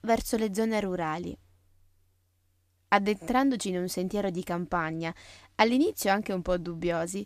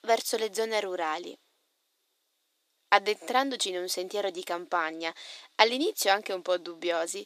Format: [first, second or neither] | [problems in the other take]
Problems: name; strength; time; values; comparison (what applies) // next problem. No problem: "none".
first | thin; somewhat; fading below 350 Hz